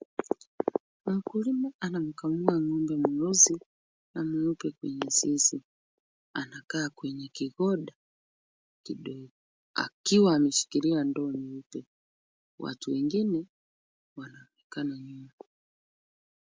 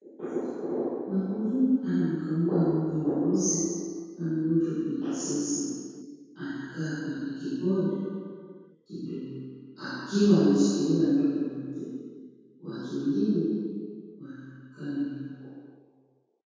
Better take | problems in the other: first | room echo; dies away in 1.9 s

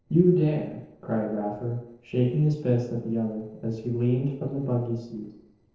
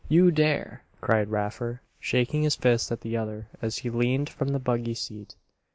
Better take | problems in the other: second | noise reduction (neural separator model SepFormer DNS4)

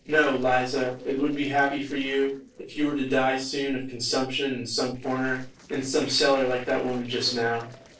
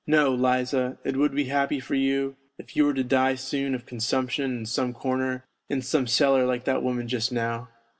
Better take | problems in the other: second | noise reduction (neural separator model SepFormer DNS4)

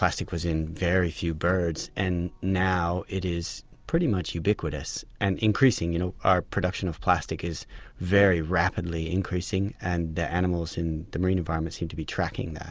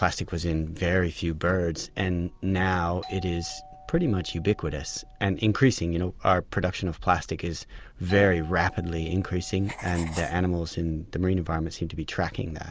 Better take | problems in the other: first | background sound (Writing + Doorbell); 19 dB below the speech

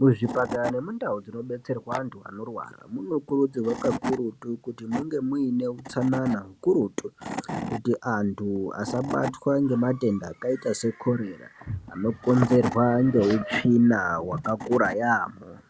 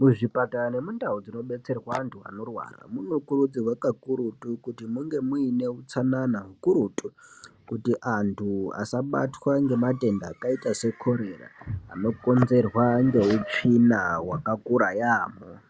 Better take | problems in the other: second | background sound (Wood / Tools); 13 dB below the speech

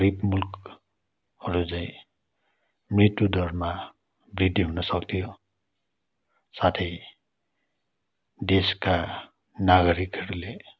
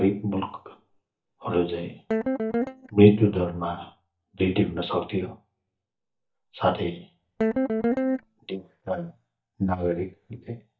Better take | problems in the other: first | noise reduction (neural mask model DeepFilterNet 3)

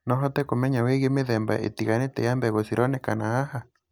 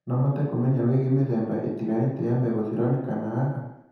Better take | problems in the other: first | room echo; dies away in 0.9 s

